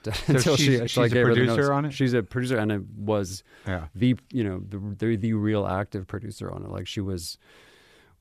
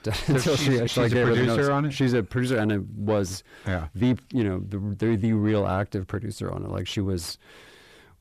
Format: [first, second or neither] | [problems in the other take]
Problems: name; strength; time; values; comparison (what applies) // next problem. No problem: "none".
first | distortion; slight; 10 dB below the speech